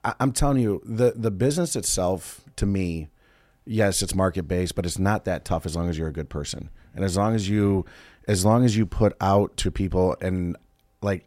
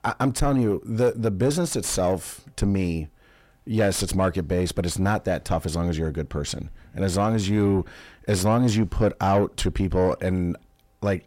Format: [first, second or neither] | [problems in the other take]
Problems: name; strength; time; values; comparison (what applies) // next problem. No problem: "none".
first | distortion; slight; 10 dB below the speech